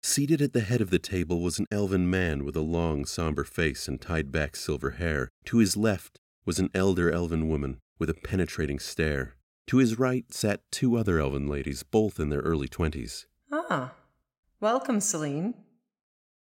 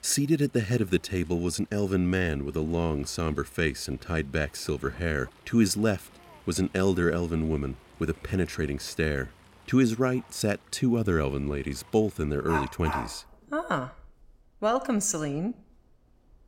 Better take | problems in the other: first | animal sounds; noticeable; throughout; 15 dB below the speech

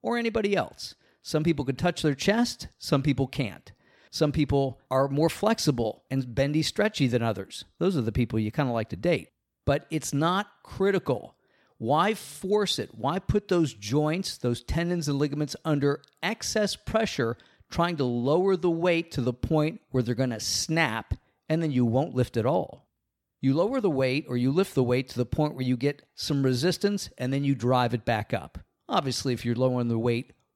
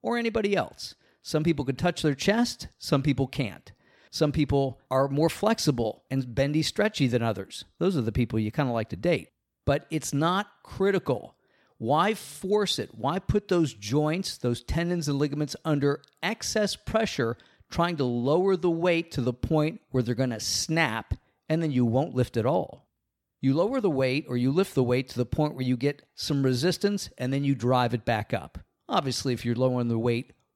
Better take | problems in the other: neither | none

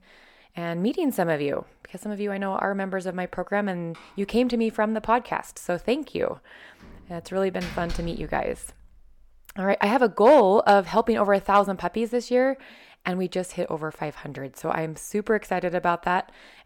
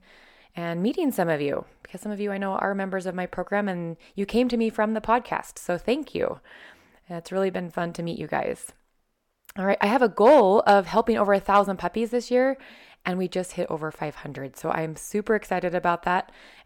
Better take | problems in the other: second | door banging; faint; from 7 to 9 s; peak 10 dB below the speech

